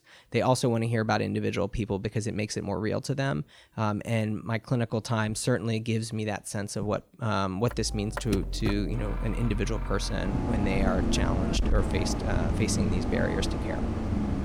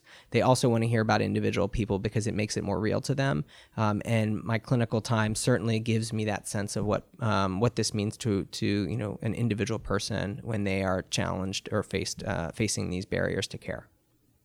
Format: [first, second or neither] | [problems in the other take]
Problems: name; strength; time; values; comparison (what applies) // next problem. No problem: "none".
second | traffic noise; loud; from 8 s on; 1 dB below the speech